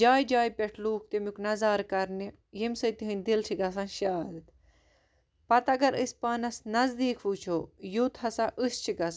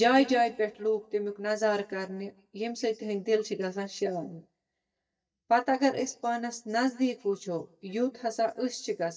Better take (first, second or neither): first